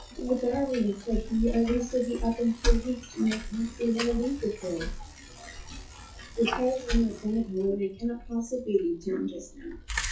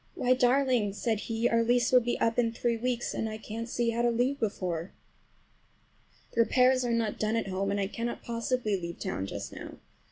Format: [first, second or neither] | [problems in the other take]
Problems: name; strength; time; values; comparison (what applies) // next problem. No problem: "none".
second | noise reduction (classical method WPE with log-MMSE)